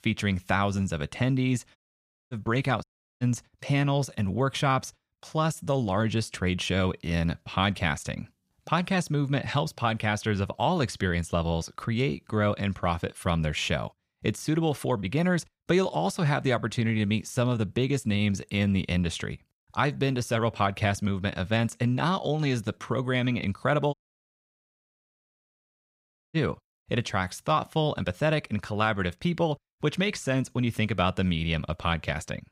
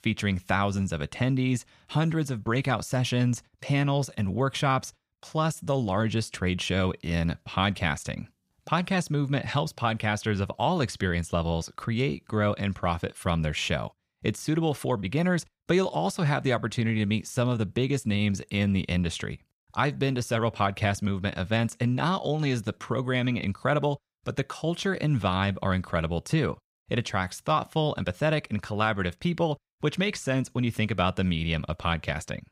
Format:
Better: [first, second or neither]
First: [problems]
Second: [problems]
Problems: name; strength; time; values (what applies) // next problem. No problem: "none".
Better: second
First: audio cutting out; at 2 s for 0.5 s, at 3 s and at 24 s for 2.5 s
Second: none